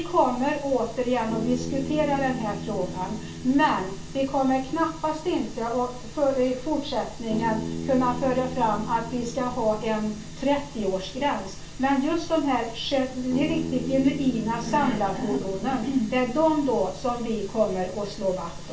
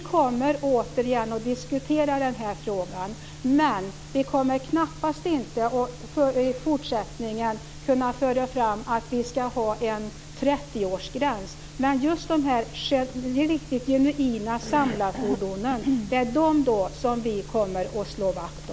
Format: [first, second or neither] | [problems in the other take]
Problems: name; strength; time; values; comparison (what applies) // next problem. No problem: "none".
second | background sound (Bass guitar); 11 dB below the speech // room echo; dies away in 0.3 s